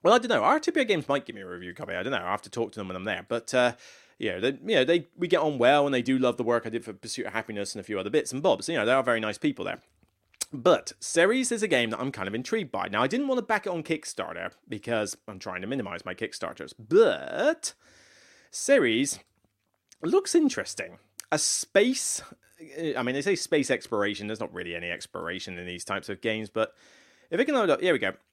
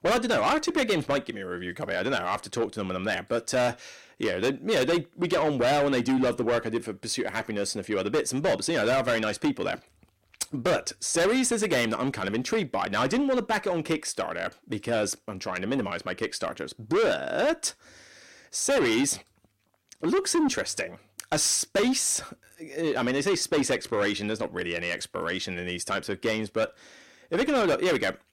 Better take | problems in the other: first | distortion; heavy; 6 dB below the speech

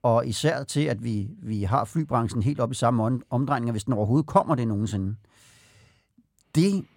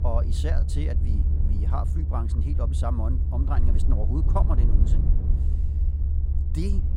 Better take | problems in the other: first | low rumble; loud; throughout; 6 dB below the speech

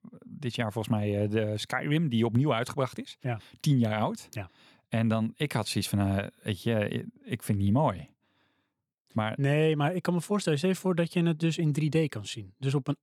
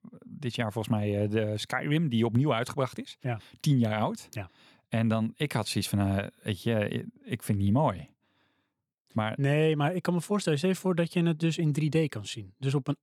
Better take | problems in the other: neither | none

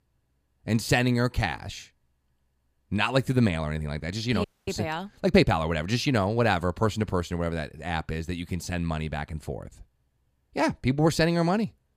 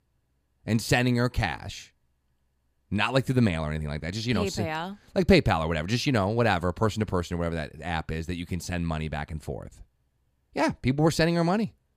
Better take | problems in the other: second | audio freezing; at 4.5 s

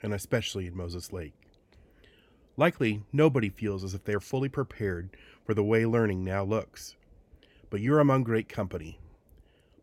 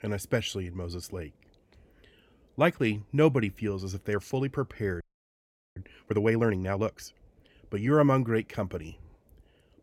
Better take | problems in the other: first | audio freezing; at 5 s for 1 s

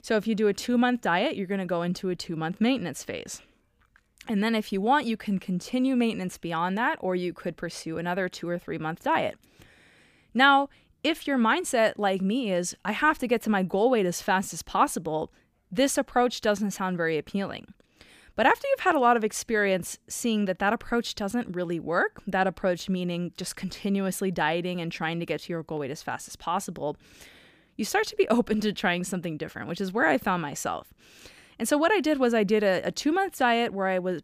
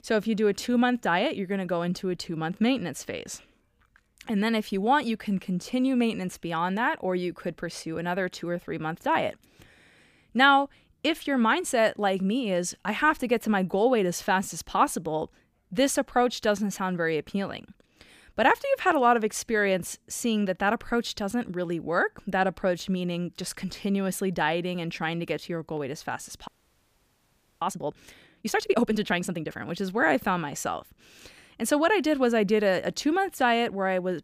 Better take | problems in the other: first | audio freezing; at 26 s for 1 s

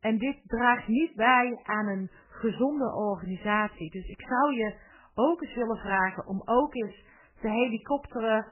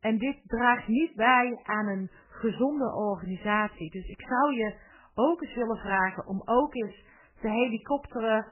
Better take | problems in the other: neither | garbled, watery; badly; nothing above 3 kHz; the same in both

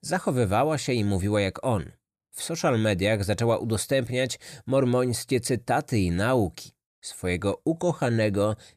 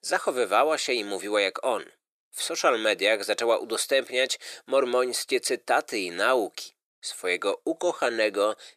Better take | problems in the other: first | thin; very; fading below 350 Hz

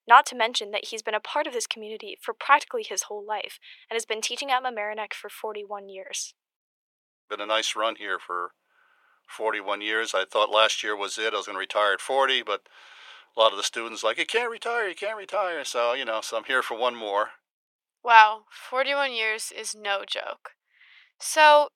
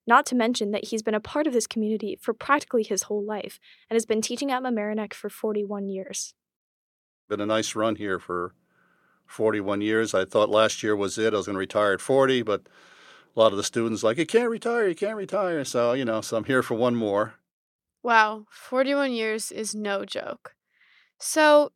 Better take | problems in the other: second | thin; very; fading below 700 Hz

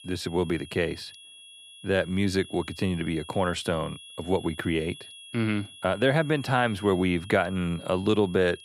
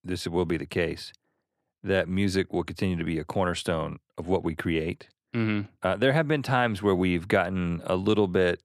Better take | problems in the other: second | high-pitched whine; noticeable; throughout; 3.5 kHz, 15 dB below the speech

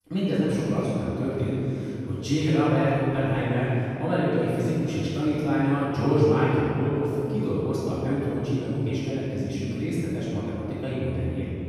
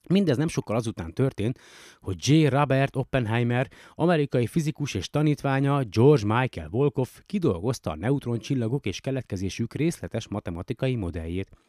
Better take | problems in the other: second | off-mic speech; far // room echo; strong; dies away in 3 s

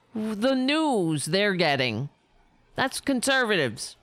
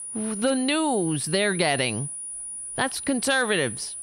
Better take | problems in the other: first | high-pitched whine; loud; throughout; 10 kHz, 7 dB below the speech

